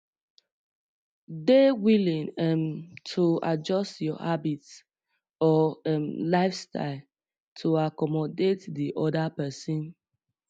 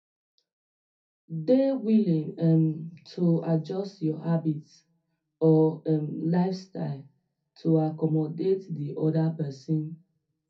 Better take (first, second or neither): first